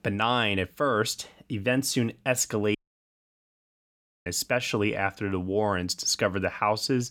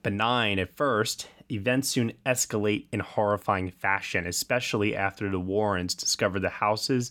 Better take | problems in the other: second | audio cutting out; at 3 s for 1.5 s

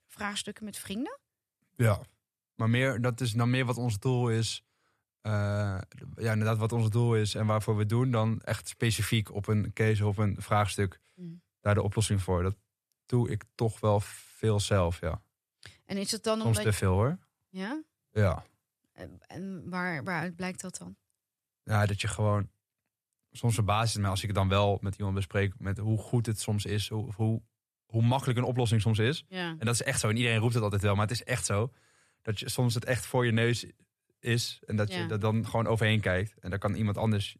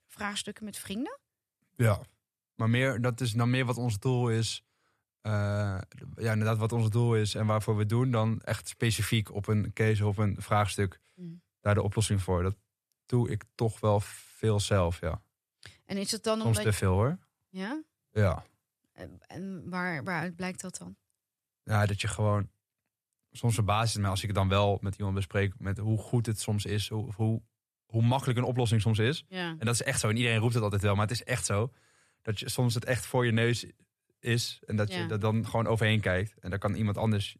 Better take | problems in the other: neither | none

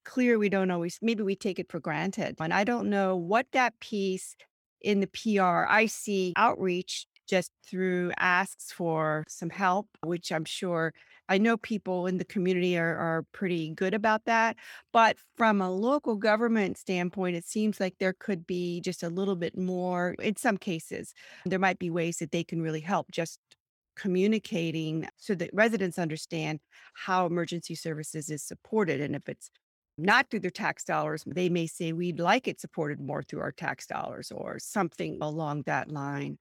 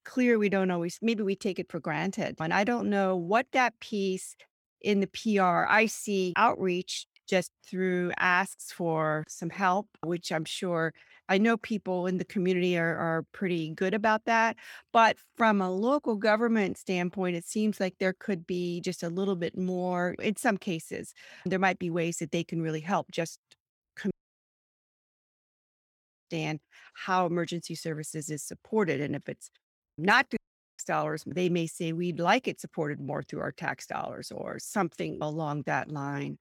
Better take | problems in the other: first | audio cutting out; at 24 s for 2 s and at 30 s

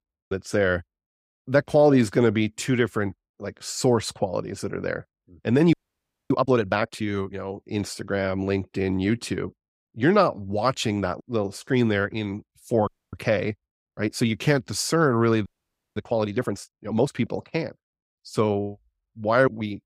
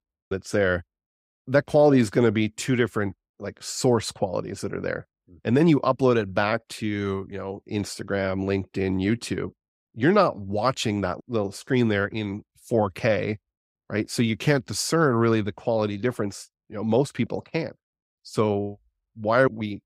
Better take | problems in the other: second | audio freezing; at 5.5 s for 0.5 s, at 13 s and at 15 s for 0.5 s

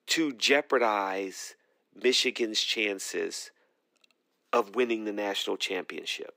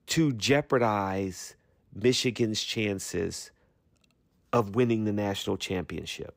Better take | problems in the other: second | thin; somewhat; fading below 300 Hz

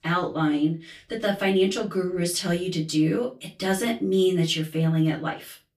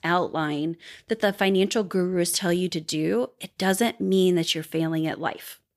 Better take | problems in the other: second | off-mic speech; far // room echo; very slight; dies away in 0.2 s

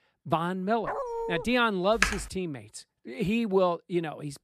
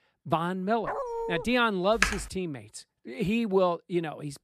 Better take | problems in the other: neither | dog barking; noticeable; at 1 s; peak 4 dB below the speech; the same in both // keyboard typing; loud; at 2 s; peak 1 dB above the speech; the same in both

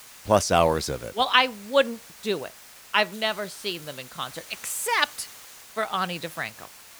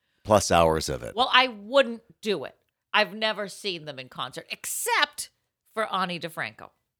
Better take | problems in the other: second | hiss; noticeable; throughout; 20 dB below the speech

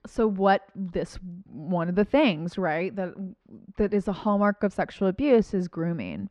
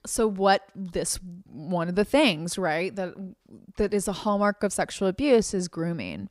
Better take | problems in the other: second | muffled; slightly; fading above 2.5 kHz

